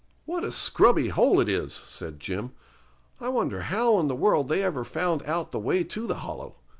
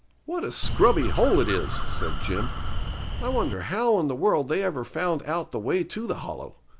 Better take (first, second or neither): first